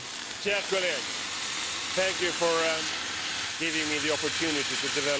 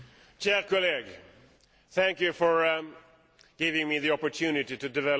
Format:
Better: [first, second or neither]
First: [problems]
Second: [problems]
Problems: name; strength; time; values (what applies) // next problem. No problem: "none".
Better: second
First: background sound (Fire); 1 dB below the speech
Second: none